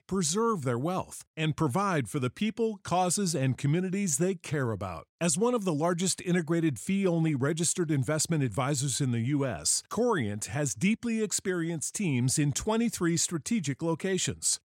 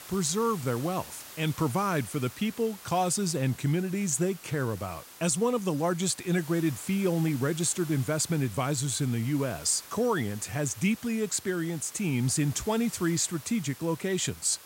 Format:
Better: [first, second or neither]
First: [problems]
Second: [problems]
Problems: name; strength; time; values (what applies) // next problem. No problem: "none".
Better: first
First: none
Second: hiss; noticeable; throughout; 15 dB below the speech